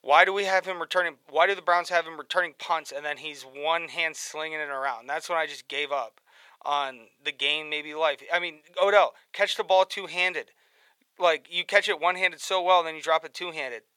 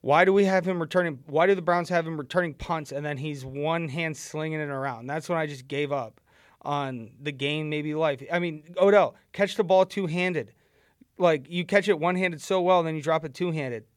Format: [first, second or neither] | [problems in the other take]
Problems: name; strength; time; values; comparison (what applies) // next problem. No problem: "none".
second | thin; very; fading below 800 Hz